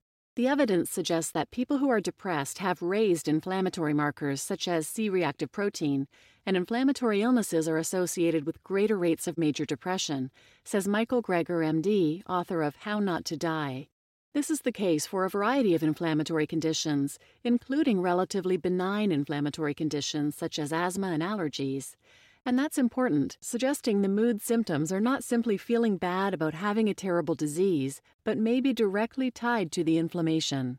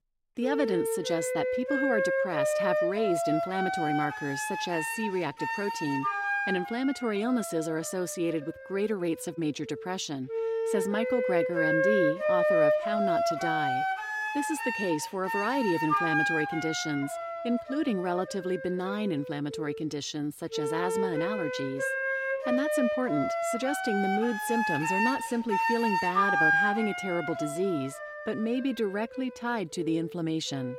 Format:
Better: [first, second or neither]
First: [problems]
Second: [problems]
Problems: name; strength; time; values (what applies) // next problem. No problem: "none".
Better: first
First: none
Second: background music; very loud; throughout; 2 dB above the speech